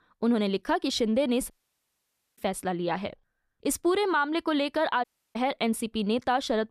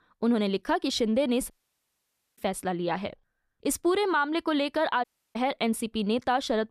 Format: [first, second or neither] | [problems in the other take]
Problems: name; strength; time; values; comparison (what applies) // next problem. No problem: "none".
neither | audio cutting out; at 1.5 s for 1 s and at 5 s; the same in both